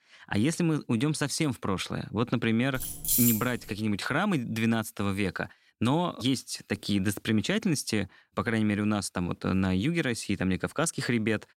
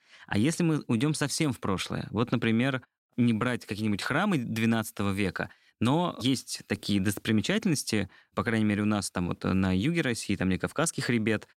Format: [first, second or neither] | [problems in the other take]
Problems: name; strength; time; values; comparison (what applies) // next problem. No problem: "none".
second | jangling keys; loud; at 3 s; peak 5 dB above the speech